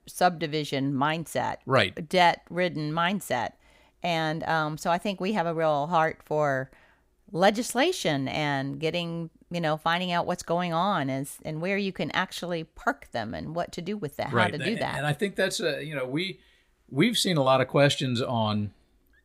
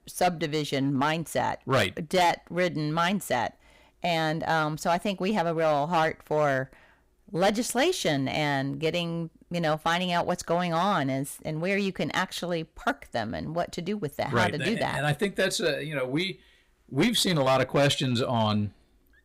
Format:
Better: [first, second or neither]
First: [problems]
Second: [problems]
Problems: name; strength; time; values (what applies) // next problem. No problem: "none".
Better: first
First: none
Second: distortion; slight; 5% of the sound clipped